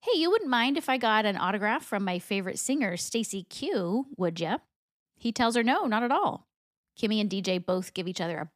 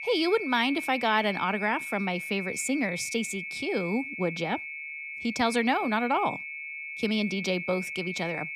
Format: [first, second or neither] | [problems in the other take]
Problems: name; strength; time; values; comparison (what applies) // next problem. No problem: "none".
first | high-pitched whine; loud; throughout; 2 kHz, 6 dB below the speech